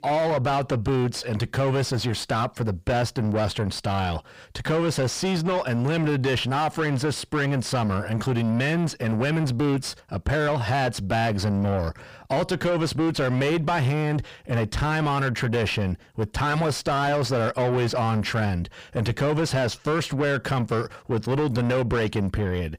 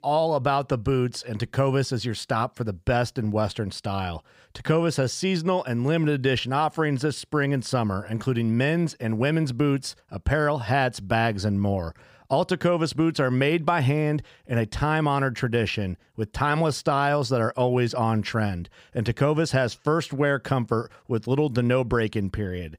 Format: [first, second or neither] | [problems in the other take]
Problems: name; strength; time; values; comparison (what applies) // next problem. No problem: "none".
second | distortion; heavy; 6 dB below the speech